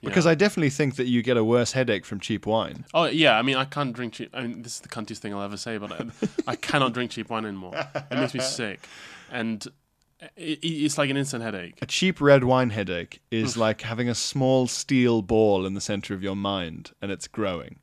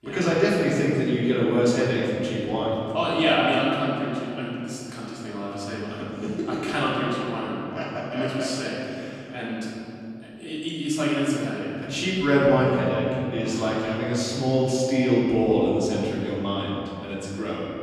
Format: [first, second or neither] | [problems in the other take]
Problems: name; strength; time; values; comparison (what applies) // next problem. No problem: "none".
first | off-mic speech; far // room echo; strong; dies away in 2.7 s